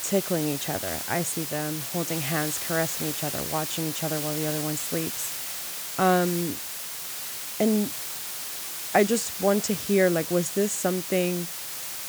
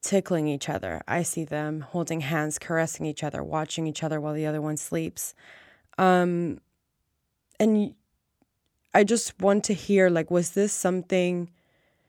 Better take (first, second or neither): second